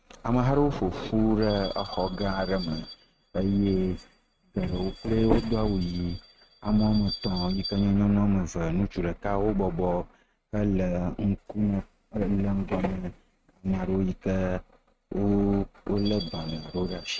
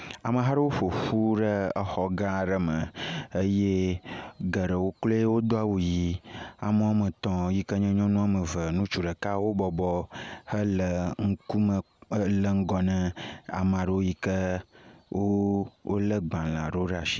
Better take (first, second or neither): second